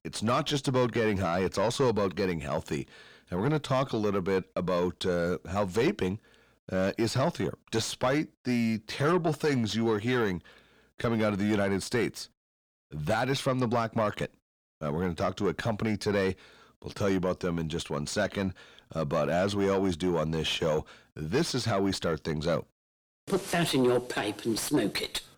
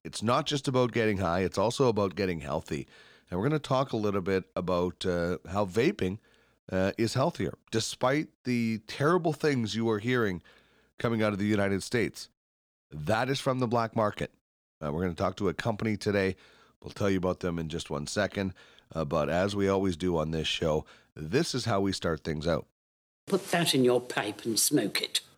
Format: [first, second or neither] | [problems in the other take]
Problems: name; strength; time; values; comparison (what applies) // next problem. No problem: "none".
second | distortion; slight; 9 dB below the speech